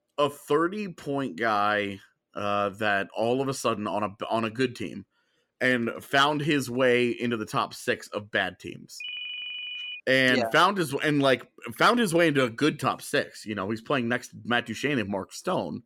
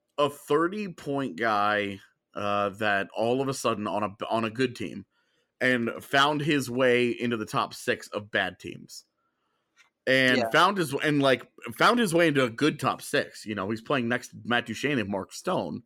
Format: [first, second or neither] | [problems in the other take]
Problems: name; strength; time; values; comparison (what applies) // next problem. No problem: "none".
second | phone ringing; noticeable; from 9 to 10 s; peak 7 dB below the speech